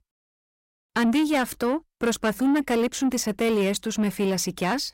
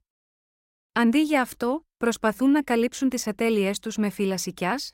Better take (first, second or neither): second